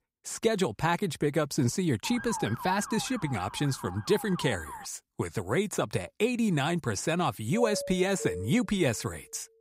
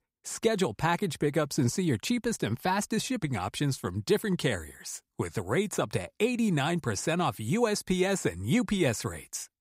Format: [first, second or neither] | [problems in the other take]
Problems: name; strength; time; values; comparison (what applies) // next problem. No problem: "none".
second | siren; noticeable; from 2 to 5 s; peak 9 dB below the speech // doorbell; noticeable; from 7.5 to 8.5 s; peak 6 dB below the speech